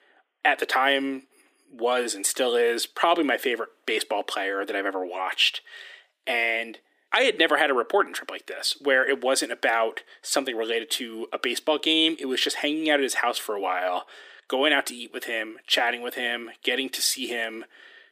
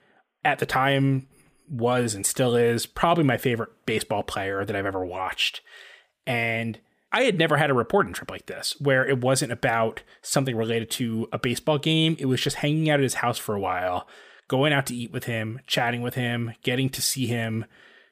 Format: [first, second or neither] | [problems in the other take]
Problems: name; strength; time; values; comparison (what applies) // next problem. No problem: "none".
second | thin; somewhat; fading below 300 Hz